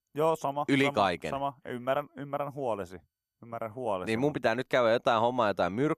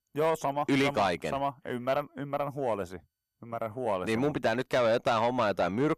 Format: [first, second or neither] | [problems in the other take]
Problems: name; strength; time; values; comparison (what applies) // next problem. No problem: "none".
first | distortion; slight; 10 dB below the speech